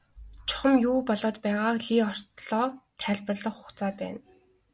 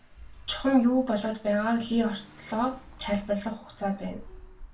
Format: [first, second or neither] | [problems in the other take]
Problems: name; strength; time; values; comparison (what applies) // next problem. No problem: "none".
first | background sound (Engine / Car); 19 dB below the speech // room echo; dies away in 0.3 s